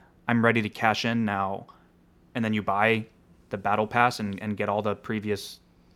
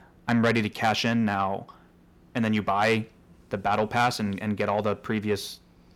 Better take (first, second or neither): first